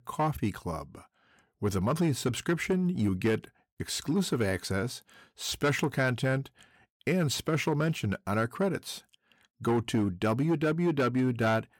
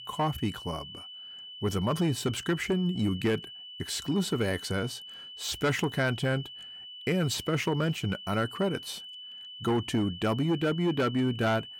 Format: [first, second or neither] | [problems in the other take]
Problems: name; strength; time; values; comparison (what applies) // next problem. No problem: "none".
first | high-pitched whine; noticeable; throughout; 3 kHz, 10 dB below the speech